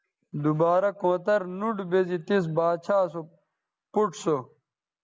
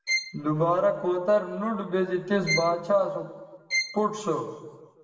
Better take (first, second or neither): first